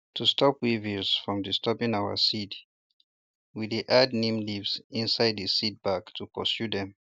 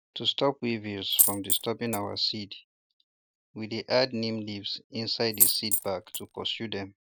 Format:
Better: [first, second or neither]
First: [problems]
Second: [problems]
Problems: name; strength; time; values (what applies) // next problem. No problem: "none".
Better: first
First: none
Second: background sound (Coin (dropping)); 3 dB above the speech